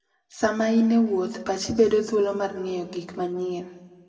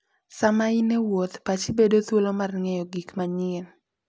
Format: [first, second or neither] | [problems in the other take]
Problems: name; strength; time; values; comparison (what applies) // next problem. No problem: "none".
second | room echo; dies away in 1.3 s